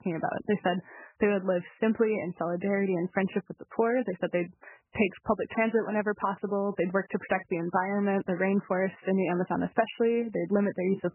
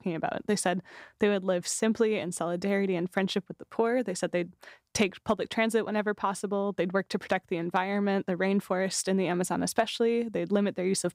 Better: second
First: garbled, watery; badly; nothing above 3 kHz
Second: none

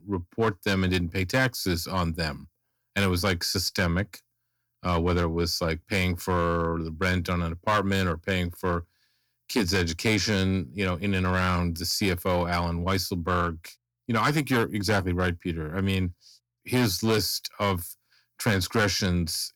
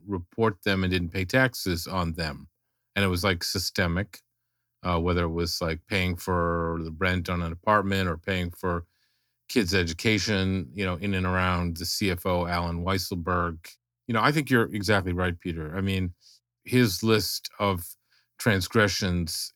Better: second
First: distortion; slight; 4% of the sound clipped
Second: none

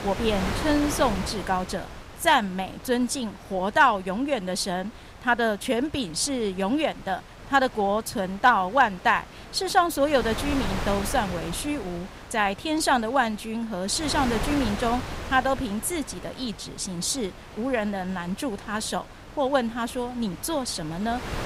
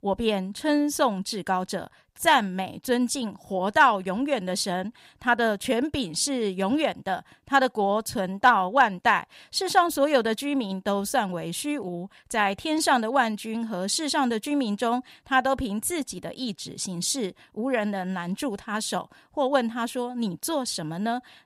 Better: second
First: wind noise on the microphone; occasional gusts; 15 dB below the speech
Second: none

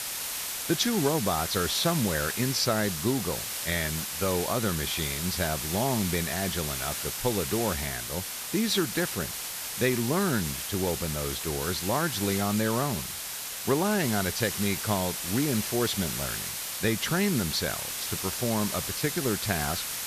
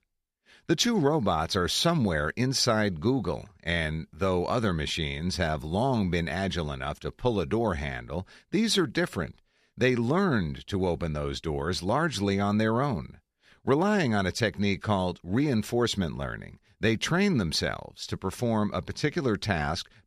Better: second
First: hiss; loud; throughout; 2 dB below the speech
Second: none

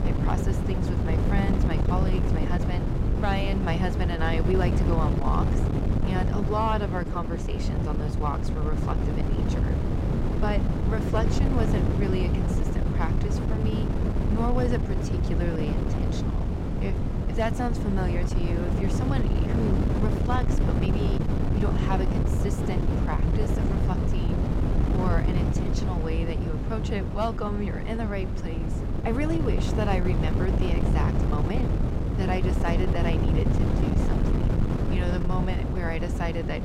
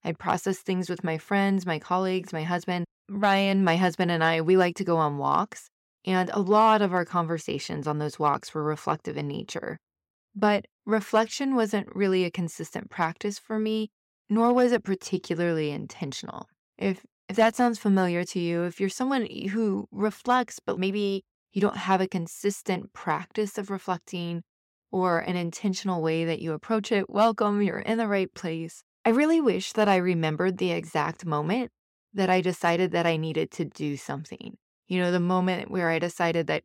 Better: second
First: wind noise on the microphone; heavy; 1 dB below the speech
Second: none

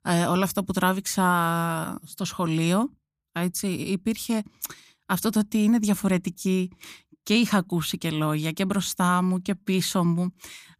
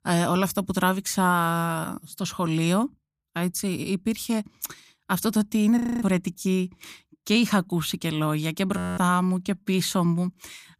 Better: first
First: none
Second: audio freezing; at 6 s and at 9 s

